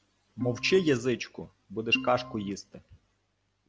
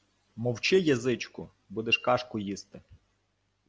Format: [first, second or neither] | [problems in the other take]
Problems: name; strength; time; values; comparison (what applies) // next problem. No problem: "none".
second | background sound (Organ); 12 dB below the speech